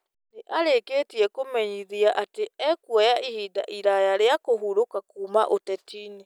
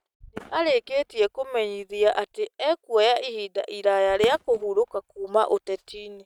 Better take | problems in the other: first | noise reduction (neural mask model RNNoise)

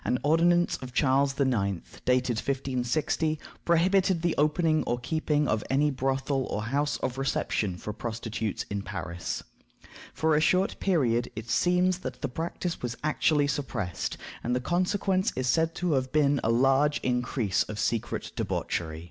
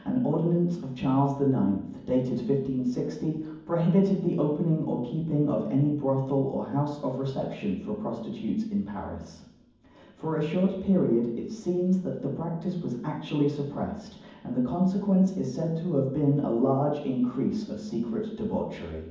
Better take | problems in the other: first | room echo; dies away in 1.2 s

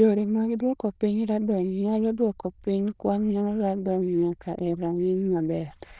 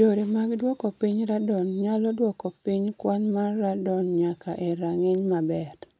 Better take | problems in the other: second | noise reduction (neural diffusion model UNIVERSE++)

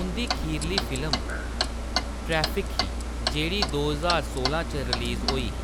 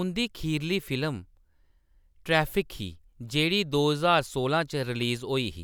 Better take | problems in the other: second | background sound (Clock); 2 dB above the speech

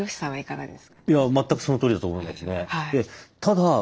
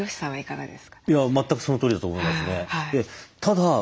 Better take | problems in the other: second | noise reduction (neural separator model SepFormer DNS4)

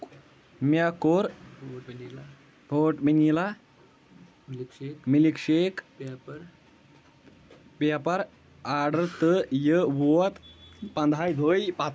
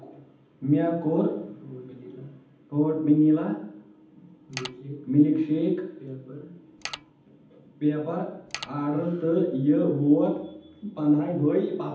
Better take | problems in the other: first | background sound (Mechanisms); 12 dB below the speech // room echo; dies away in 0.8 s

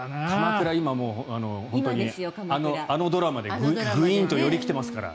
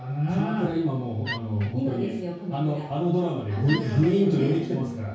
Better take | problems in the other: first | background sound (Wood); 12 dB below the speech // room echo; dies away in 0.6 s

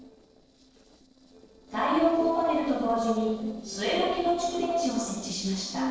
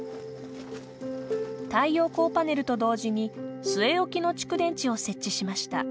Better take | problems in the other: second | noise reduction (neural separator model SepFormer DNS4)

